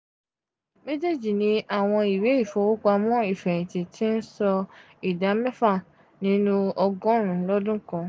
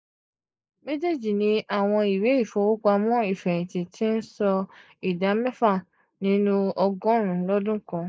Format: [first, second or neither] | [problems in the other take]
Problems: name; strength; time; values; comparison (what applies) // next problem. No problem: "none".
first | noise reduction (neural mask model Resemble Enhance denoiser)